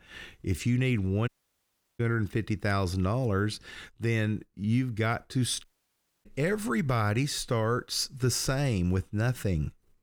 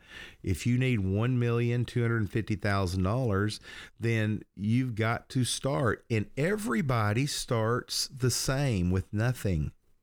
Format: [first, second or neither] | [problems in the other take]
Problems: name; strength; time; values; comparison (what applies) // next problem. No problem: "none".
second | audio cutting out; at 1.5 s for 0.5 s and at 5.5 s for 0.5 s